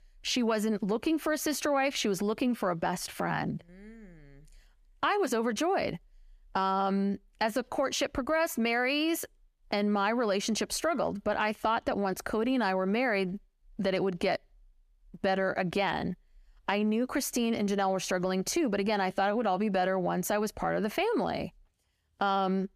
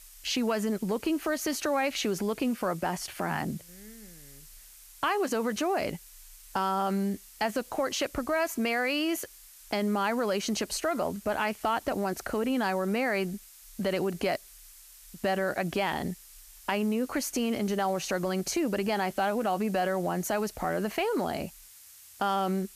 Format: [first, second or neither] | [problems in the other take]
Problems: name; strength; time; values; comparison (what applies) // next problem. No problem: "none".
first | hiss; noticeable; throughout; 20 dB below the speech